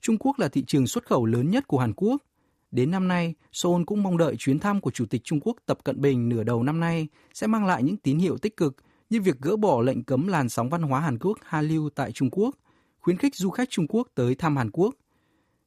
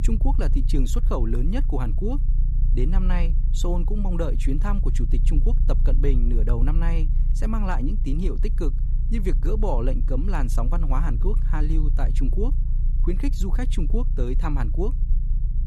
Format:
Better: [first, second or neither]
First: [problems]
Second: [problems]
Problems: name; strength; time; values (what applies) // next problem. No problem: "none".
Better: first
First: none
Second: low rumble; noticeable; throughout; 10 dB below the speech